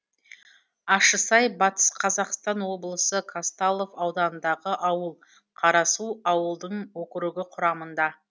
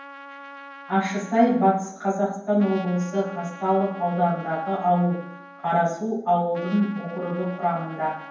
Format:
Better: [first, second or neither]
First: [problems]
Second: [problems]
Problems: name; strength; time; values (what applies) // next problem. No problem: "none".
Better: first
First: none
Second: background sound (Trumpet); 18 dB below the speech // room echo; dies away in 0.9 s